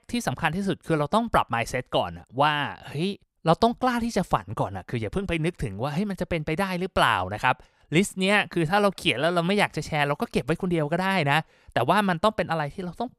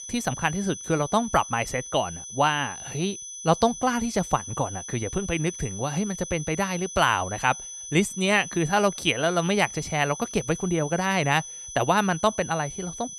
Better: first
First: none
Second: high-pitched whine; noticeable; throughout; 6 kHz, 10 dB below the speech

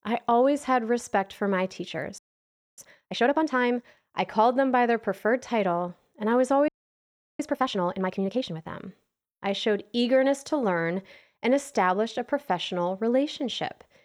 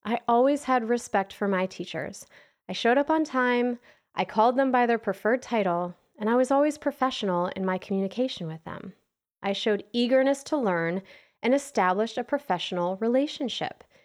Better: second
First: audio freezing; at 2 s for 0.5 s and at 6.5 s for 0.5 s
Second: none

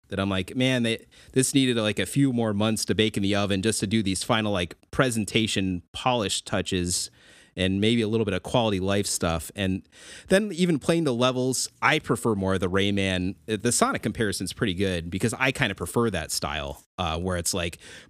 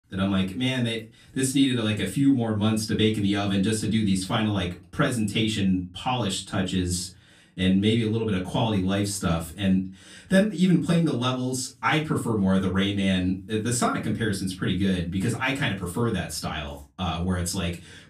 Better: first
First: none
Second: off-mic speech; far // room echo; very slight; dies away in 0.2 s

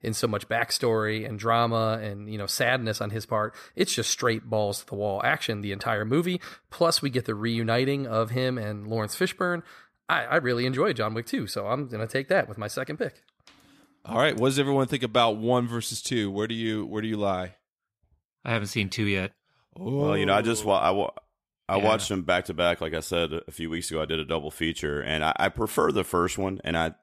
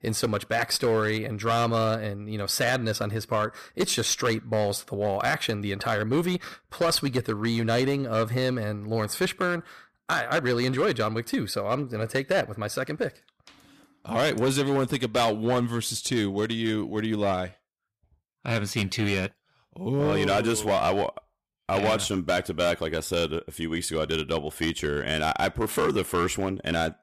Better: first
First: none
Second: distortion; slight; 6% of the sound clipped

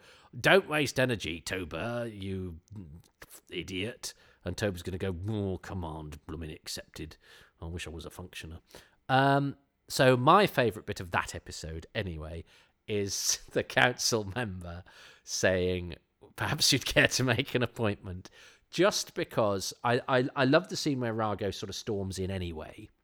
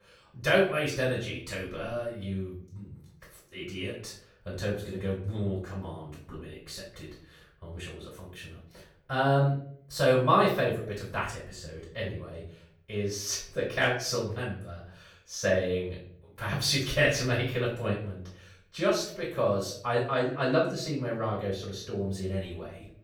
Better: first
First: none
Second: off-mic speech; far // room echo; noticeable; dies away in 0.5 s

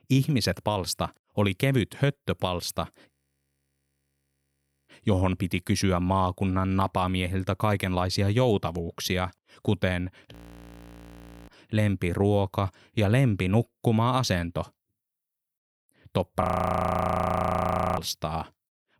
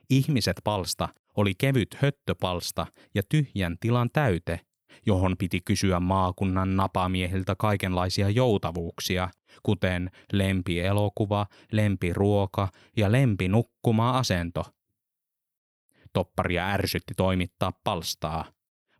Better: second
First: audio freezing; at 3 s for 2 s, at 10 s for 1 s and at 16 s for 1.5 s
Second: none

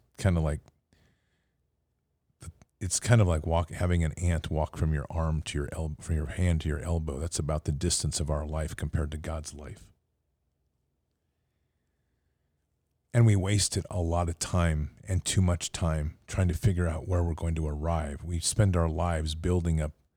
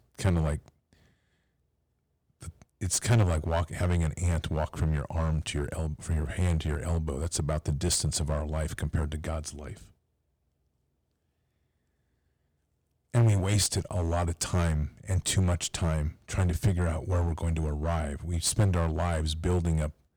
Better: first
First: none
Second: distortion; slight; 6% of the sound clipped

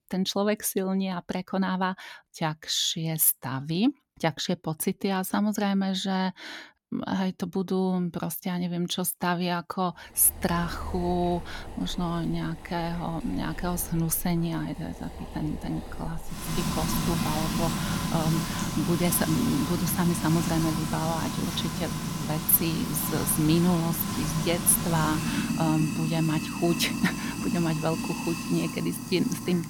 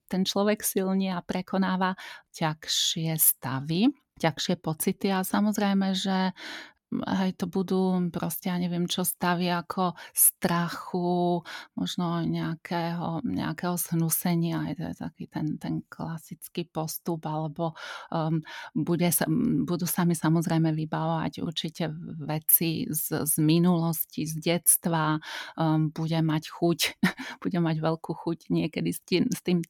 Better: second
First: household noises; loud; from 10 s on; 4 dB below the speech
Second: none

